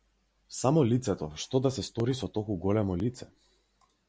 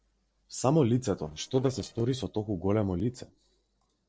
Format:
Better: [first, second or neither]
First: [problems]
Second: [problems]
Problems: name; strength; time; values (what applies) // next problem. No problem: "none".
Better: first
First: none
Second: noise reduction (neural separator model SepFormer DNS4)